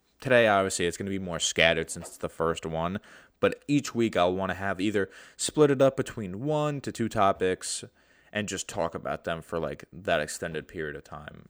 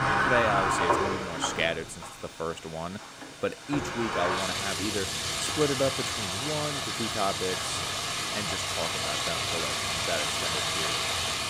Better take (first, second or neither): first